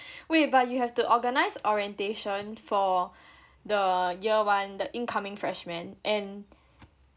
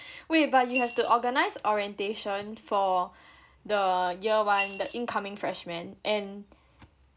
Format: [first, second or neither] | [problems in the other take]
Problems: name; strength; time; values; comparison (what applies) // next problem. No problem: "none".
first | background sound (Coin (dropping) / Glass); 10 dB below the speech